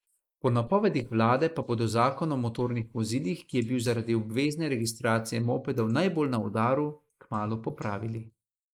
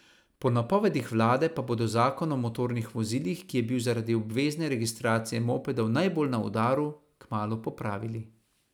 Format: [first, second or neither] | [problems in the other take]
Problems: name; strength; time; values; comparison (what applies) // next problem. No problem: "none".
second | noise reduction (neural mask model Resemble Enhance denoiser)